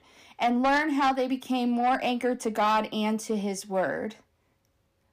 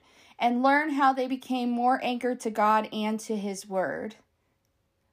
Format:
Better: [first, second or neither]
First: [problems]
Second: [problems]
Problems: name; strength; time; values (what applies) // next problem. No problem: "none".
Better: second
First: distortion; slight; 10 dB below the speech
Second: none